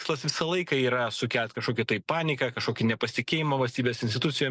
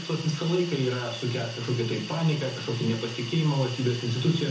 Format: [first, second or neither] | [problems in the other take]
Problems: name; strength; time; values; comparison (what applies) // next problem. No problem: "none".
first | background sound (Hiss); 13 dB below the speech // room echo; dies away in 0.6 s